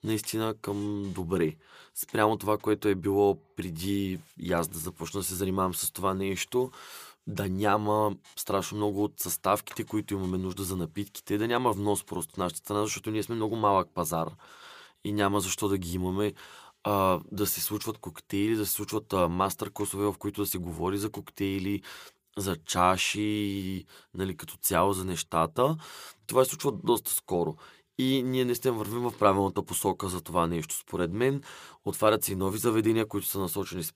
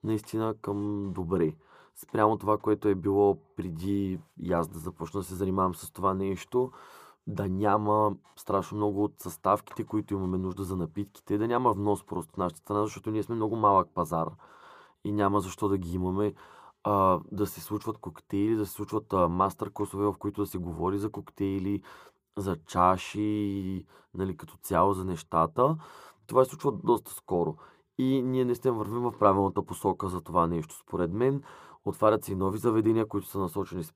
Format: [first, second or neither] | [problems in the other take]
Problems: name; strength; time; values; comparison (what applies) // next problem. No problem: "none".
first | muffled; slightly; fading above 1.5 kHz